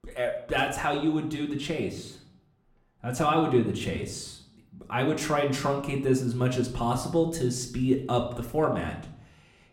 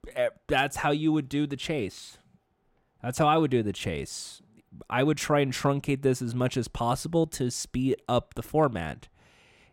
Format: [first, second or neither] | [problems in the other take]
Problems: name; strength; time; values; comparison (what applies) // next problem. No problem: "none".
second | room echo; slight; dies away in 0.5 s // off-mic speech; somewhat distant